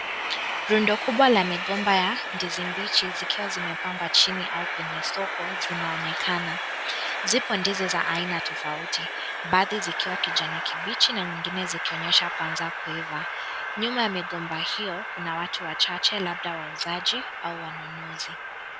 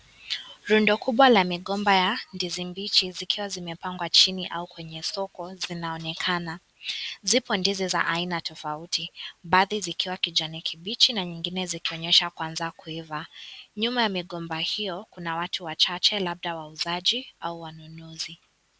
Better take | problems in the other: second | background sound (Train); 3 dB below the speech

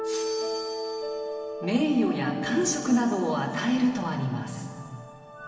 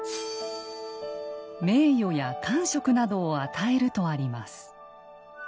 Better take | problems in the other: second | room echo; dies away in 2.7 s

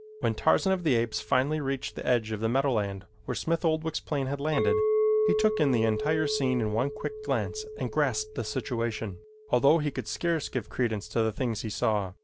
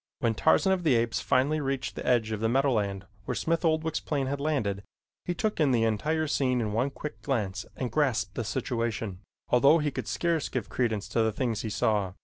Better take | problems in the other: second | background sound (Chink, clink); 6 dB below the speech

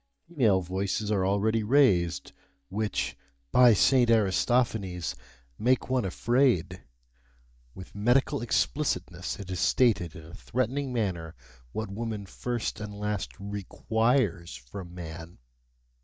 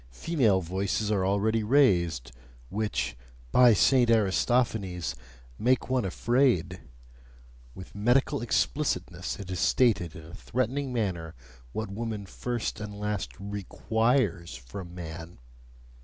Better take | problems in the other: second | noise reduction (neural mask model DeepFilterNet 3)

